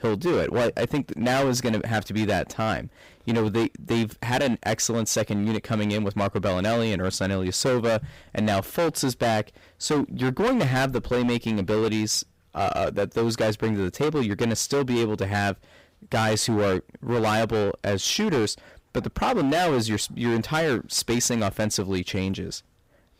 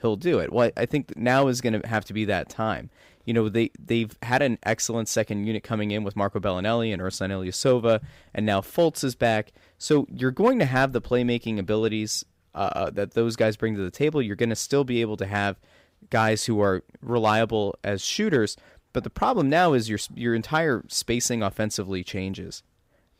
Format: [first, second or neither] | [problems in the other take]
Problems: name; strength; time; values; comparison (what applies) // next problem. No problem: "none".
second | distortion; heavy; 18% of the sound clipped